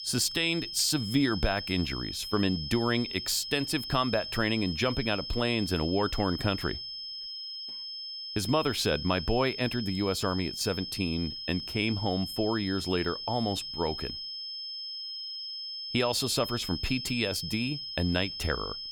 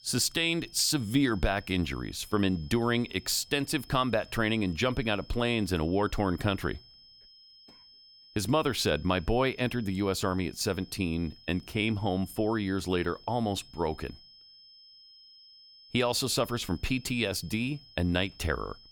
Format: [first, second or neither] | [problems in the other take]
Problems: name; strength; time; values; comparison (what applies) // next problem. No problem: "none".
second | high-pitched whine; loud; throughout; 5 kHz, 6 dB below the speech; faint in the second